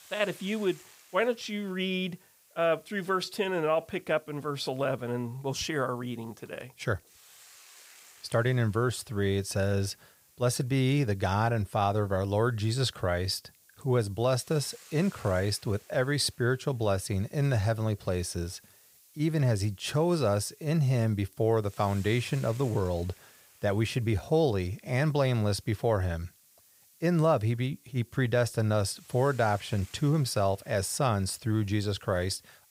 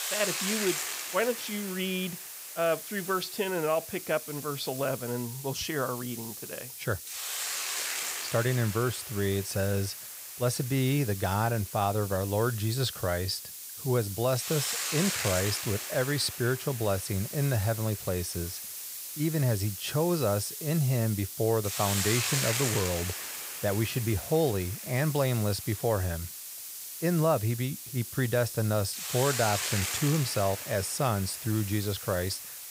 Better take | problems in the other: first | hiss; loud; throughout; 5 dB below the speech; faint in the first

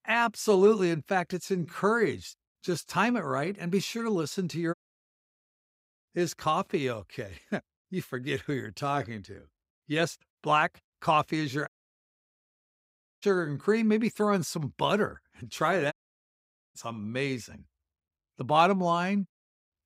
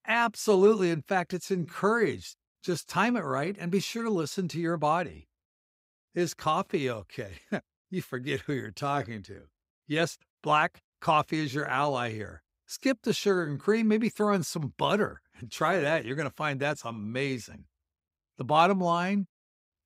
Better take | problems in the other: second | audio cutting out; at 4.5 s for 0.5 s, at 12 s for 1.5 s and at 16 s for 1 s

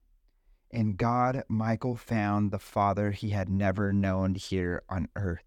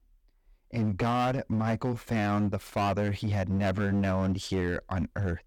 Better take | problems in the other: first | distortion; slight; 15% of the sound clipped

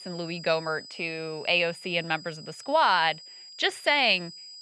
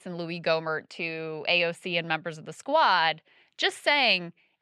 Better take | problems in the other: second | high-pitched whine; noticeable; throughout; 5 kHz, 15 dB below the speech

